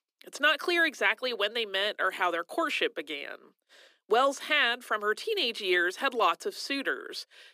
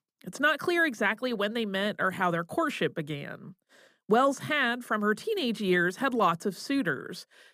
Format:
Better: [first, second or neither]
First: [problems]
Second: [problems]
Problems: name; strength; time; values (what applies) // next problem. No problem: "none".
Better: second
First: thin; somewhat; fading below 300 Hz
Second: none